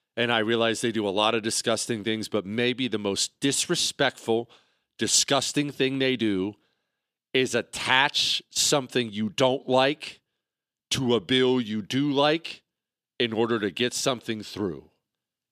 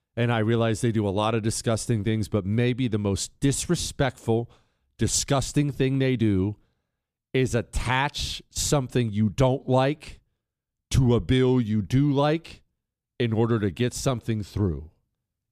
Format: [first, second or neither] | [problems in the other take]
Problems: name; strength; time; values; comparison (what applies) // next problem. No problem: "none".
second | thin; very slightly; fading below 250 Hz